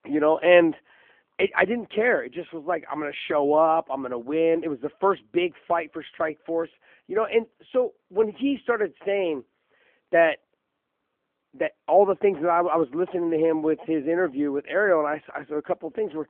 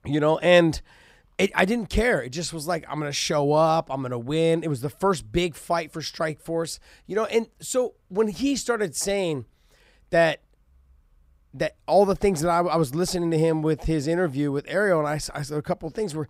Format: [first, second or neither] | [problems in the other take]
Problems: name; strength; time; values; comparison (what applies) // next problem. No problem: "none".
second | phone-call audio; nothing above 3 kHz